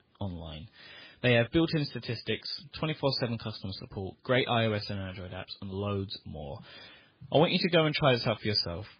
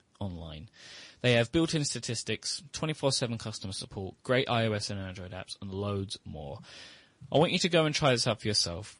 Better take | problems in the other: second | garbled, watery; badly; slightly in the second

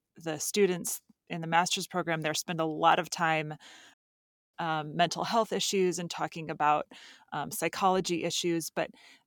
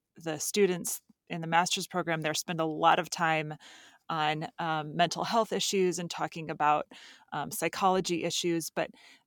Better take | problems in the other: second | audio cutting out; at 4 s for 0.5 s

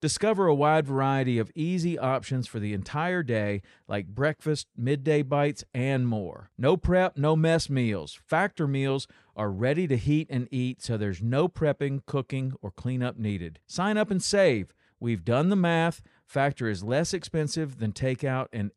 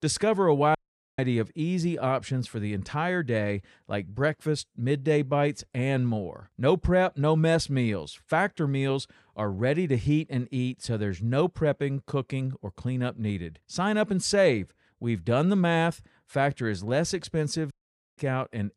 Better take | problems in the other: first | audio cutting out; at 1 s and at 18 s

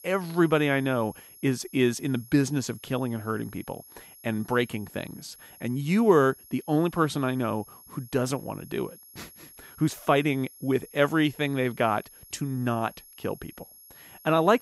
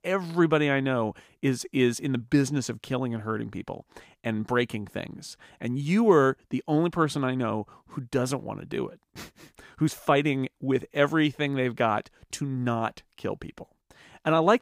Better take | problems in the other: second | high-pitched whine; faint; throughout; 11.5 kHz, 20 dB below the speech

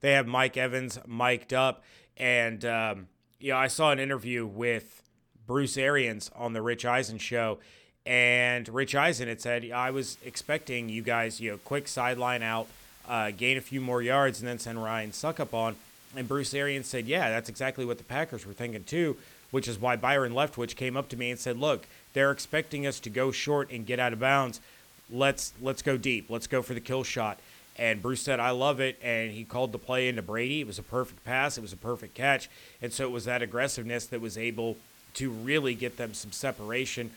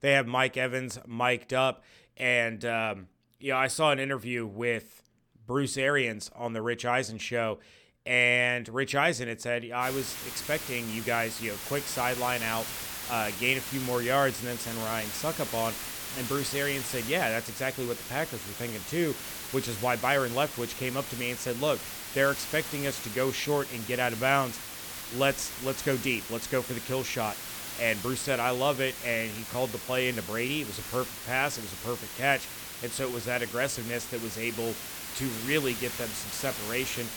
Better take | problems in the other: first | hiss; loud; from 10 s on; 7 dB below the speech; faint in the first

